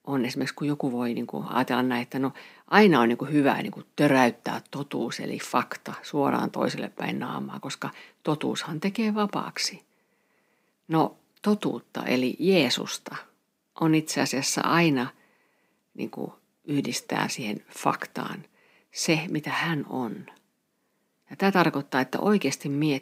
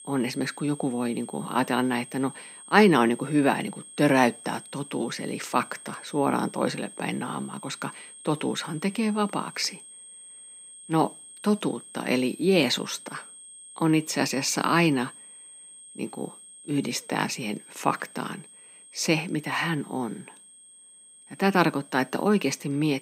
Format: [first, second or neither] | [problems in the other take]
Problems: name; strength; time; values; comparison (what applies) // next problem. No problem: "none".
first | high-pitched whine; noticeable; throughout; 8.5 kHz, 20 dB below the speech